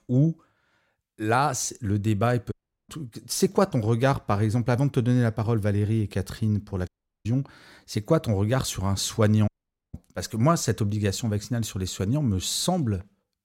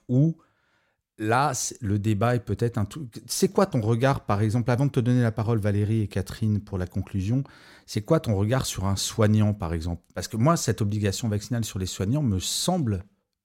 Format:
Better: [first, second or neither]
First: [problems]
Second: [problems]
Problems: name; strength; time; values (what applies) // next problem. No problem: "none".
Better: second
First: audio cutting out; at 2.5 s, at 7 s and at 9.5 s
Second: none